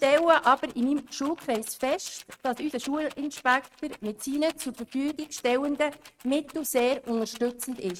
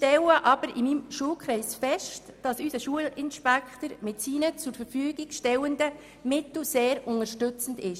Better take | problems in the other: second | noise reduction (neural mask model RNNoise)

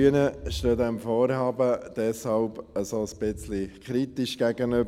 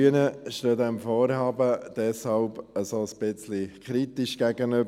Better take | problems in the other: second | background sound (Thunder); 16 dB below the speech

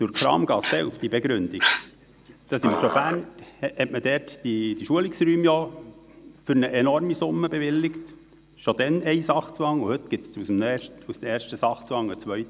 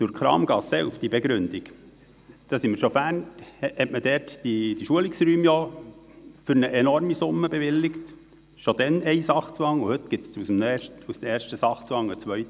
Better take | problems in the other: second | background sound (Dog); 5 dB below the speech

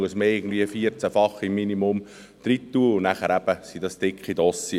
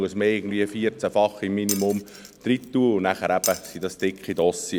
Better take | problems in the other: first | background sound (Glass); 12 dB below the speech

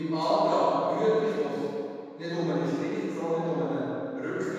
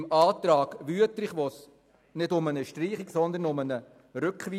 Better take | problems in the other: second | room echo; dies away in 2.1 s

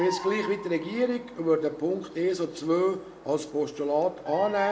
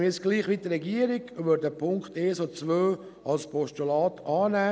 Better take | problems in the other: second | background sound (Bird vocalization, bird call, bird song); 14 dB below the speech // room echo; dies away in 0.9 s

